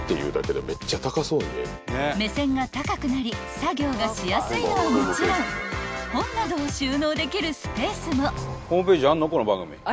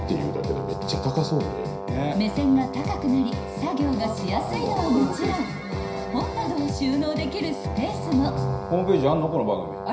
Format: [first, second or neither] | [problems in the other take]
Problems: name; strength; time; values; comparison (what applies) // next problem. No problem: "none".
first | background sound (Brass instrument); 10 dB below the speech // room echo; dies away in 0.5 s